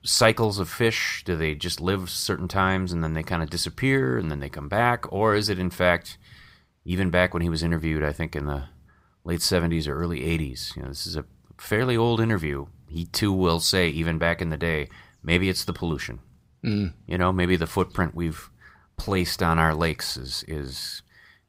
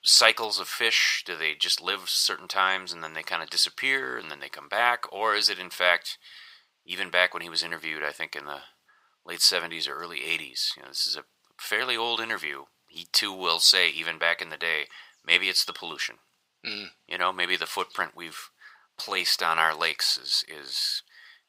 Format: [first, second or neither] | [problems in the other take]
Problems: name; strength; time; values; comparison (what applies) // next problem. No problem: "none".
first | thin; very; fading below 700 Hz